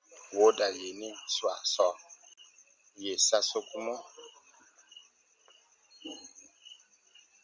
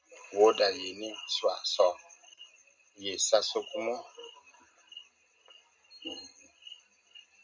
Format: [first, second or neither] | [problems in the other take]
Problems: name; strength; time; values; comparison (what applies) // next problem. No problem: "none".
first | room echo; dies away in 0.2 s